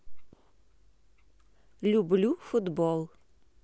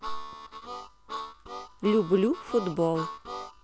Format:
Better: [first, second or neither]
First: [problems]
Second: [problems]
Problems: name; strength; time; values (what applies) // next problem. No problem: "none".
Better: first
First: none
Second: background sound (Harmonica); 10 dB below the speech